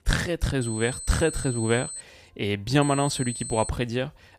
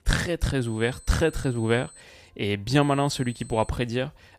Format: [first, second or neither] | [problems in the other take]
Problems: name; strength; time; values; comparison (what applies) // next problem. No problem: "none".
second | high-pitched whine; loud; from 0.5 to 2 s and at 3 s; 8.5 kHz, 8 dB below the speech; faint in the second